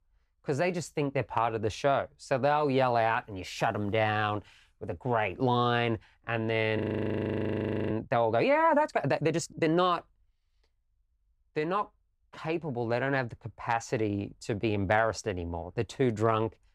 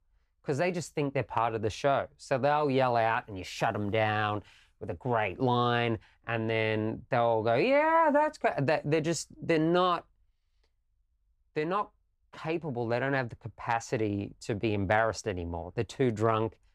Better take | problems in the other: second | audio freezing; at 7 s for 1 s

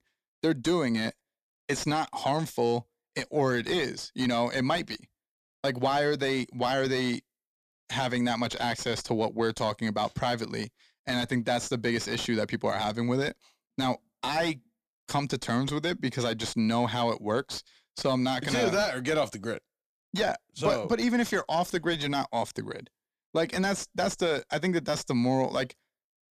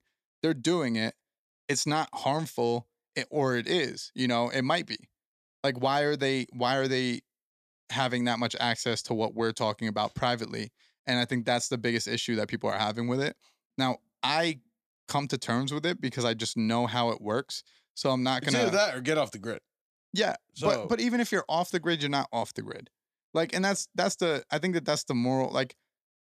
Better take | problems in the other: second | distortion; slight; 10 dB below the speech

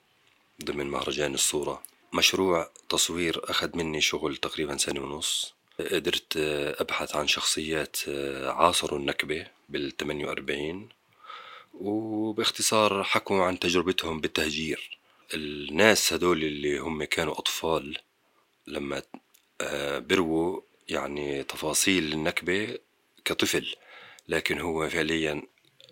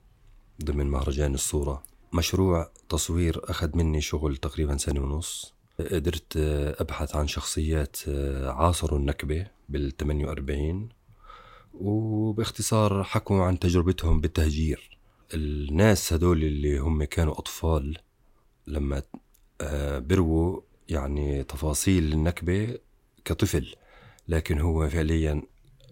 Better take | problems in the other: second | thin; somewhat; fading below 300 Hz

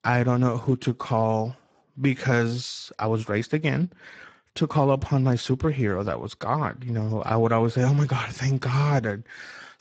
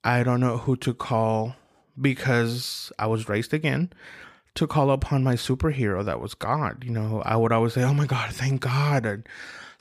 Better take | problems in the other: second | garbled, watery; badly; nothing above 7.5 kHz

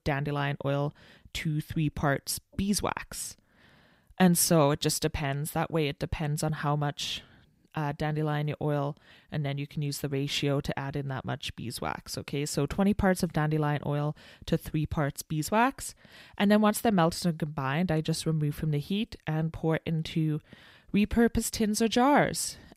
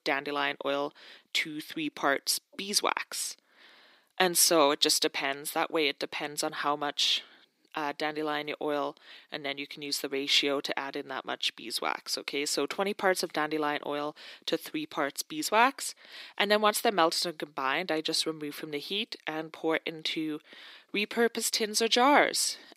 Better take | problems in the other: first | thin; somewhat; fading below 300 Hz

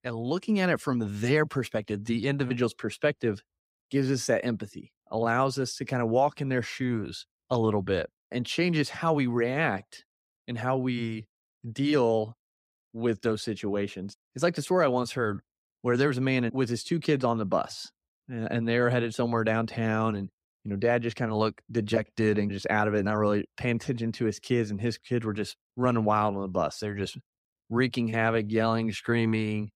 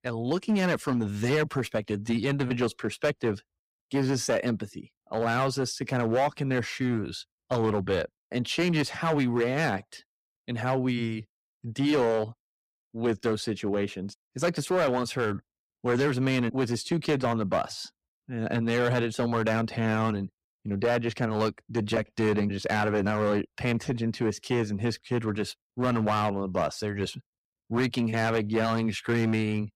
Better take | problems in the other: first | distortion; slight; 6% of the sound clipped

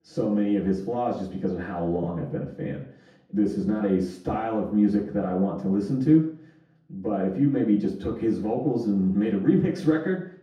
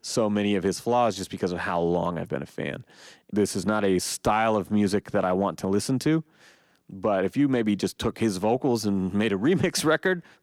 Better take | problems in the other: second | room echo; noticeable; dies away in 0.6 s // off-mic speech; far

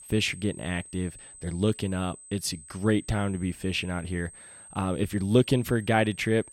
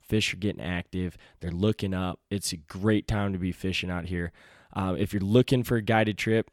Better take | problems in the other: second | high-pitched whine; noticeable; throughout; 8.5 kHz, 20 dB below the speech

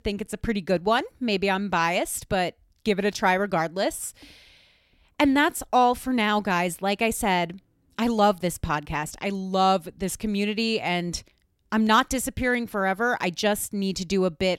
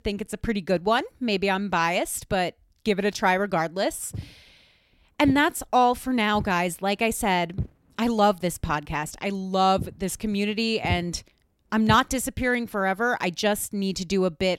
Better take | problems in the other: first | footsteps; noticeable; from 4 to 12 s; peak 7 dB below the speech

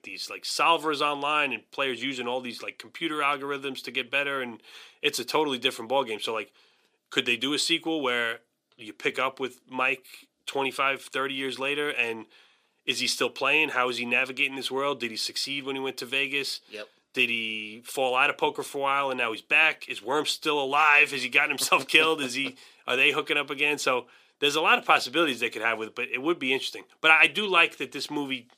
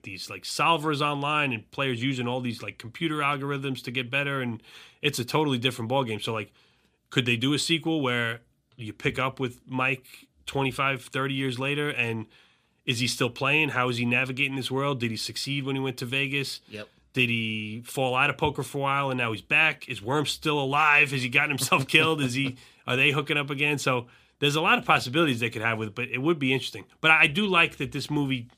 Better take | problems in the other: second | thin; somewhat; fading below 400 Hz

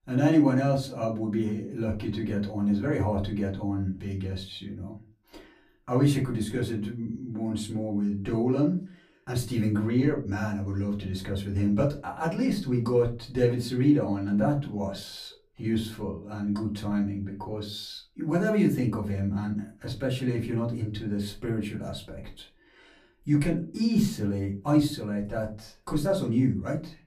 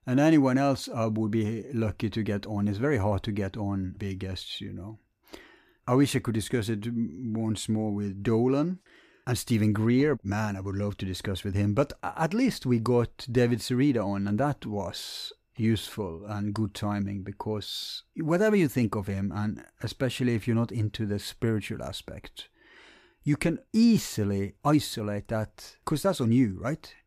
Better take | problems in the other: second | off-mic speech; far // room echo; very slight; dies away in 0.3 s

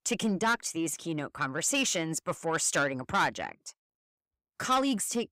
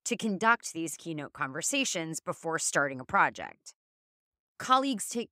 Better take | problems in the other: second | distortion; heavy; 7 dB below the speech

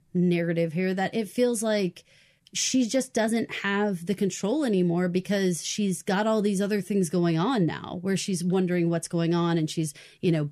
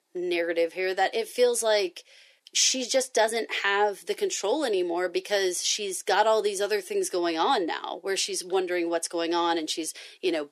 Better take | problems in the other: first | thin; very; fading below 350 Hz

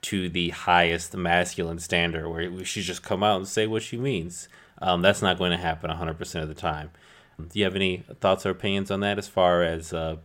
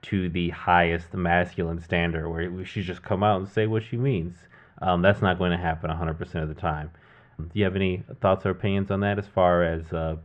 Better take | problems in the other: first | muffled; very; fading above 2 kHz

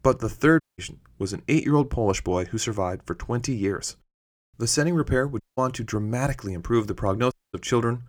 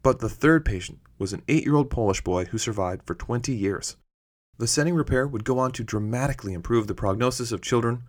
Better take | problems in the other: second | audio cutting out; at 0.5 s, at 5.5 s and at 7.5 s

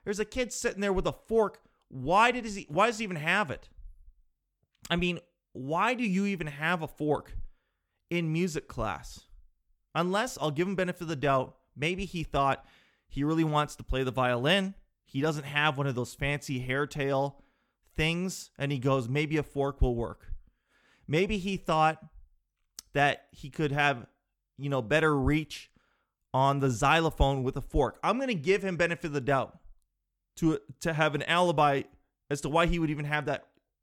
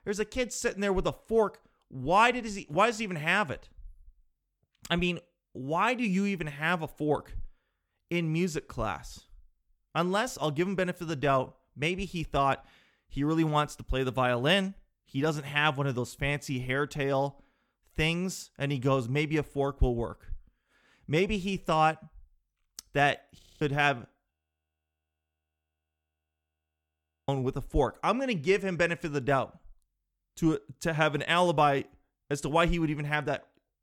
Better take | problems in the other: first | audio freezing; at 23 s and at 24 s for 3 s

